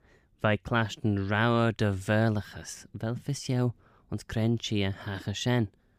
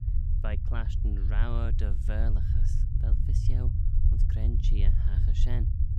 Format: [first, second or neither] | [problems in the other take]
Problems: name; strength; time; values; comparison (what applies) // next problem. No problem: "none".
first | low rumble; loud; throughout; 3 dB below the speech